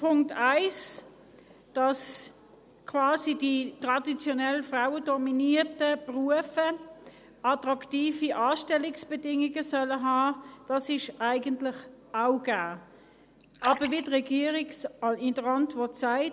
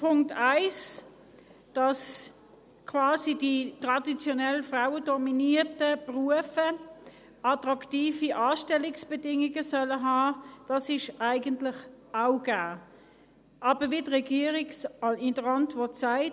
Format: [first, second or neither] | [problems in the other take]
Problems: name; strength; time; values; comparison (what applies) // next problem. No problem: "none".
second | background sound (Fill (with liquid)); 12 dB below the speech